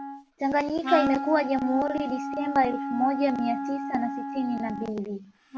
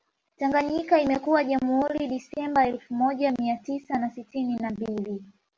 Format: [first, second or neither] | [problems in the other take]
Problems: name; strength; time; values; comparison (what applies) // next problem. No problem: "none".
second | background sound (Wind instrument, woodwind instrument); 5 dB below the speech